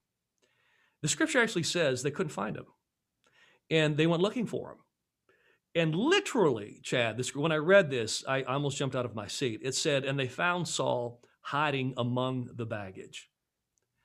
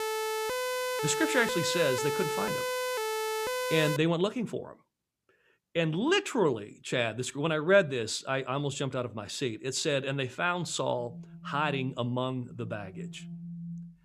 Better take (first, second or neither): first